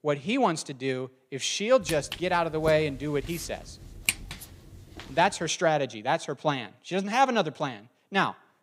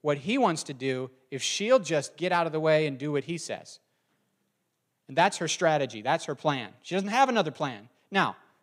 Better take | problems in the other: second | footsteps; noticeable; from 2 to 4.5 s; peak 1 dB below the speech

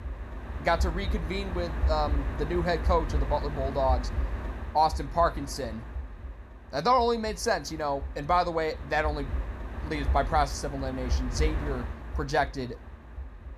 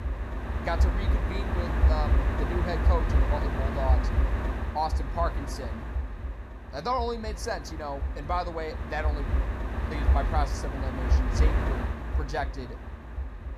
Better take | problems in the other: first | wind noise on the microphone; heavy; 4 dB below the speech; occasional gusts in the first

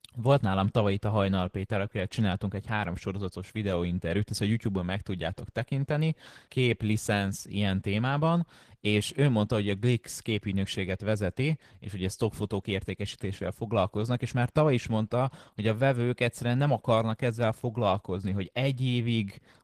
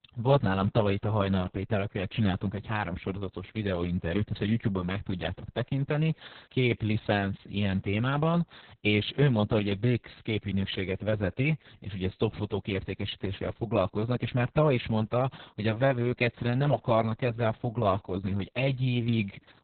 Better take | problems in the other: first | garbled, watery; badly; nothing above 4 kHz; slightly in the first

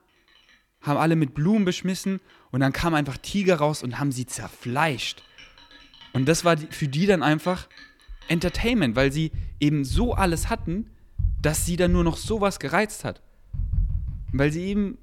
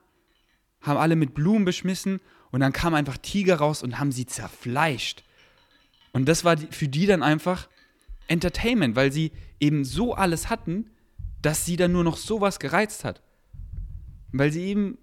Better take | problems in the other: second | household noises; loud; throughout; 10 dB below the speech; faint in the second

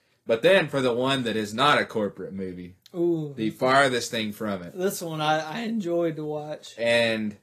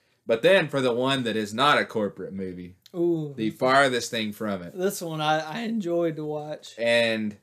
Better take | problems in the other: second | garbled, watery; slightly; nothing above 14.5 kHz

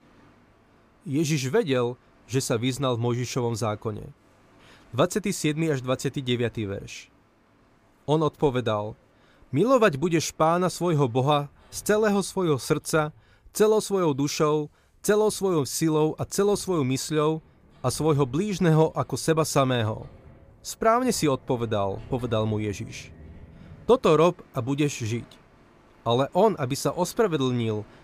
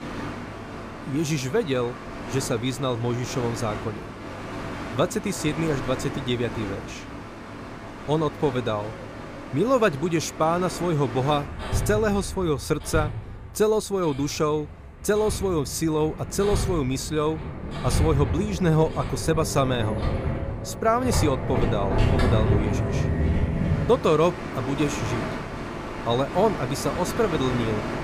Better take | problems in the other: first | machinery noise; loud; throughout; 5 dB below the speech; faint in the first

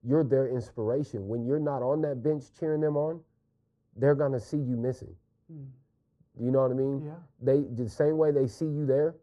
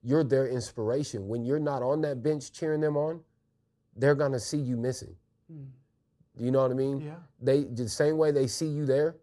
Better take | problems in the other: second | muffled; very; fading above 2 kHz

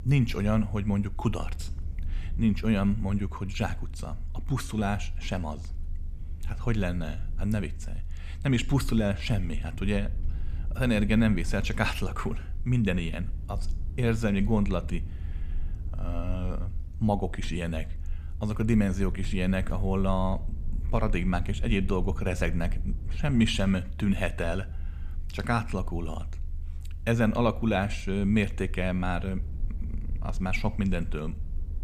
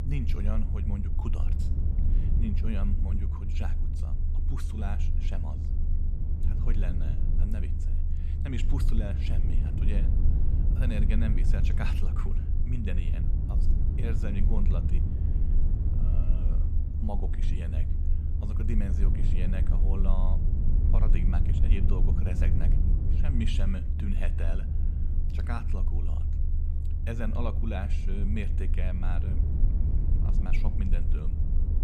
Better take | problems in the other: first | low rumble; loud; throughout; 3 dB below the speech; faint in the first

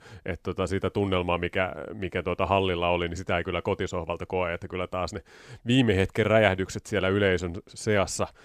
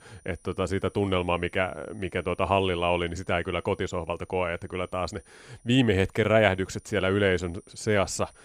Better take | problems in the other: first | high-pitched whine; faint; throughout; 9.5 kHz, 30 dB below the speech

